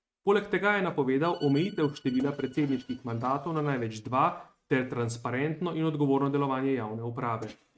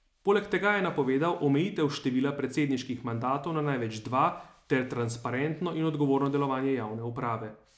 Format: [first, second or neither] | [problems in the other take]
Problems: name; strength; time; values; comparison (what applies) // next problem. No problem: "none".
second | noise reduction (neural mask model RNNoise)